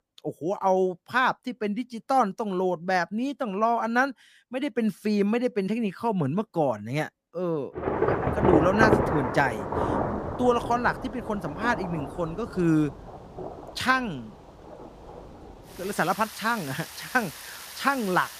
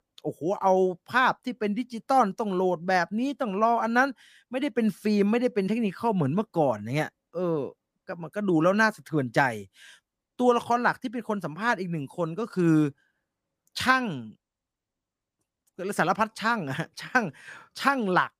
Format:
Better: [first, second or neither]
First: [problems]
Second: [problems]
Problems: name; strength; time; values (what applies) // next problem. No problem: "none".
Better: second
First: rain or running water; loud; from 8 s on; 3 dB below the speech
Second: none